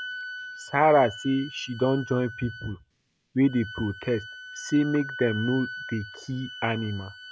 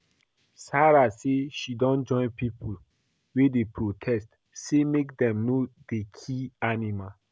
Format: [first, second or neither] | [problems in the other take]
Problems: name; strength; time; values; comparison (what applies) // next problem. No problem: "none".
second | background sound (Wind instrument, woodwind instrument); 13 dB below the speech